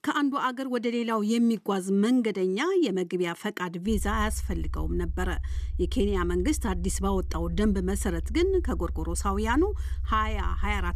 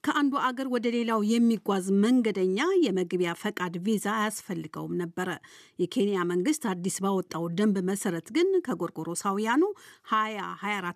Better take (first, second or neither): second